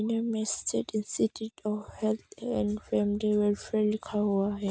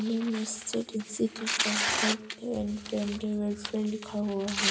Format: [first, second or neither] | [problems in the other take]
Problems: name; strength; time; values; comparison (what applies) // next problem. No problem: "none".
first | background sound (Tearing); 3 dB below the speech // room echo; dies away in 0.7 s